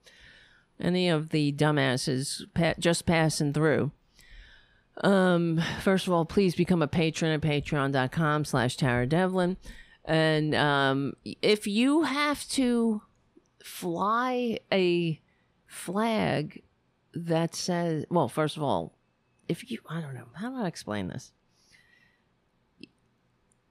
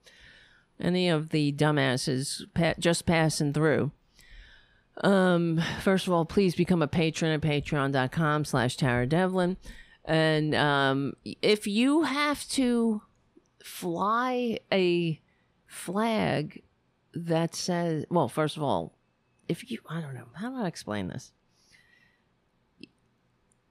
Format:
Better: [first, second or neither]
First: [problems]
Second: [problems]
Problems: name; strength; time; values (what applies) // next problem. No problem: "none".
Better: neither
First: none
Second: none